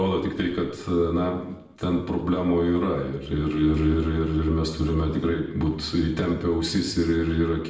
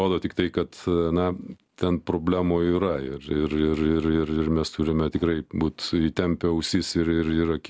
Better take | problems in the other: second | room echo; dies away in 0.8 s

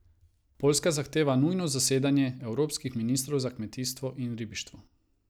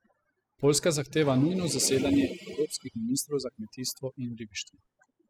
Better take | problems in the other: first | noise reduction (classical method spectral subtraction)

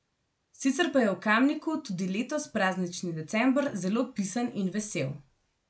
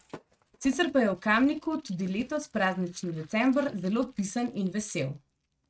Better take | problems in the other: first | noise reduction (neural mask model RNNoise)

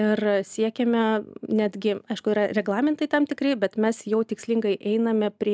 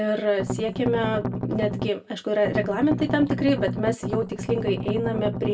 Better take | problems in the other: first | background sound (Strum); 4 dB below the speech // room echo; dies away in 0.2 s

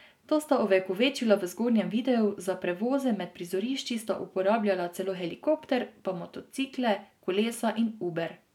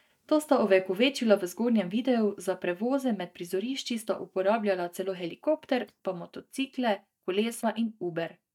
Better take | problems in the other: first | noise reduction (neural mask model DeepFilterNet 3)

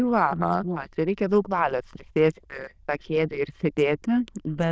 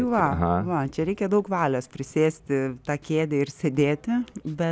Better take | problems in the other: second | noise reduction (neural diffusion model UNIVERSE++)

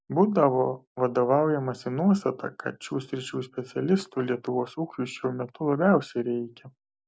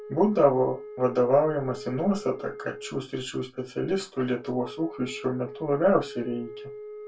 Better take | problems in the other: first | background sound (Wind instrument, woodwind instrument); 15 dB below the speech // room echo; dies away in 0.2 s

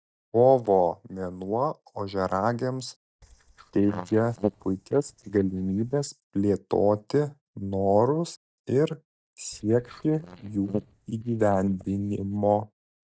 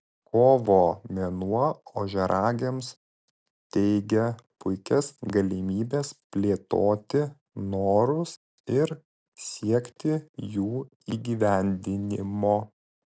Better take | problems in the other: second | noise reduction (neural mask model DeepFilterNet 3)

